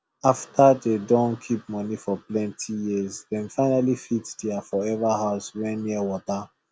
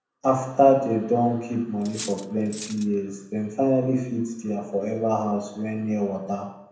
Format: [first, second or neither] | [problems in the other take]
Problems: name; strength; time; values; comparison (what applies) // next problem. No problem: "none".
first | background sound (Cutlery, silverware); 15 dB below the speech // room echo; dies away in 0.7 s